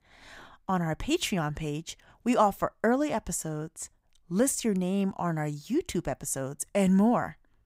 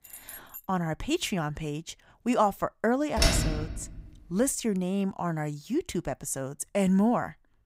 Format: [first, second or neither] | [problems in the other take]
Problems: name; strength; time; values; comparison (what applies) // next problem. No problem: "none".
first | jangling keys; faint; at the start; peak 15 dB below the speech // door banging; loud; at 3 s; peak 4 dB above the speech